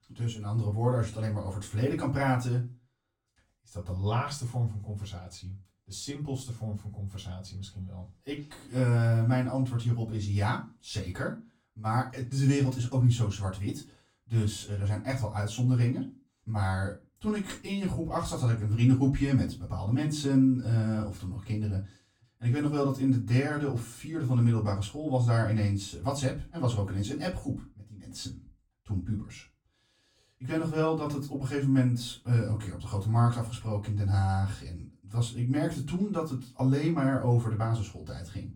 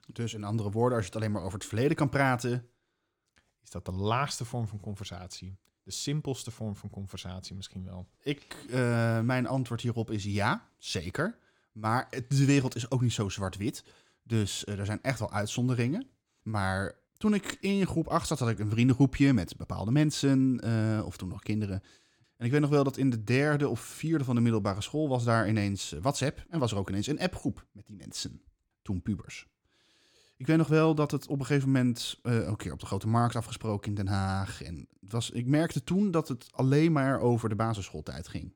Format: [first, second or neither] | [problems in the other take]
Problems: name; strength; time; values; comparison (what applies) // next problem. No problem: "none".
second | off-mic speech; far // room echo; very slight; dies away in 0.2 s